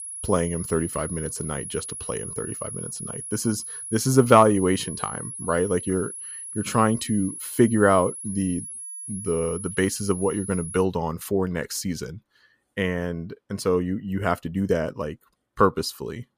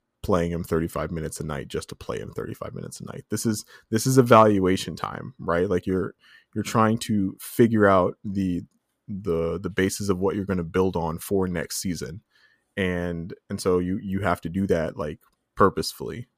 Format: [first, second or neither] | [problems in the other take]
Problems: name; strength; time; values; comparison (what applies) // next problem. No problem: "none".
second | high-pitched whine; loud; until 11 s; 10.5 kHz, 8 dB below the speech